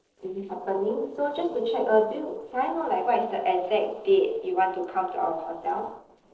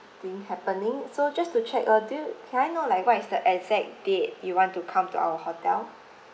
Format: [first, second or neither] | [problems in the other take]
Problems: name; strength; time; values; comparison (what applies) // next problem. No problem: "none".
second | noise reduction (neural separator model SepFormer DNS4)